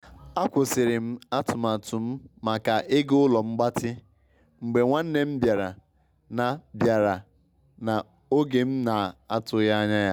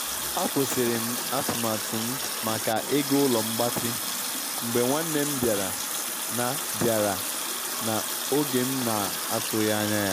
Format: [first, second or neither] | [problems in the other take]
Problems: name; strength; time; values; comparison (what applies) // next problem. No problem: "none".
first | background sound (Water tap, faucet); 2 dB below the speech